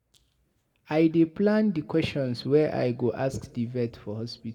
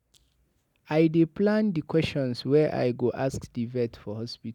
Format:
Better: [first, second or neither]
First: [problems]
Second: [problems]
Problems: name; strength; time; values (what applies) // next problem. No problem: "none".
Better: second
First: room echo; dies away in 2.1 s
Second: none